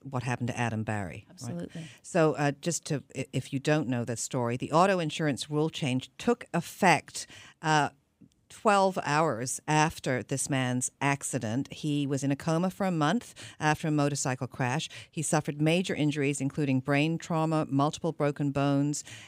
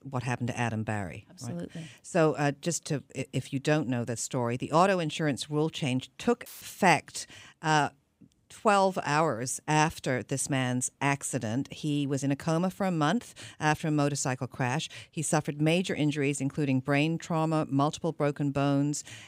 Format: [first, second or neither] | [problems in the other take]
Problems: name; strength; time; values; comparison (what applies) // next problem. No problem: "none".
first | audio cutting out; filled with static; at 6.5 s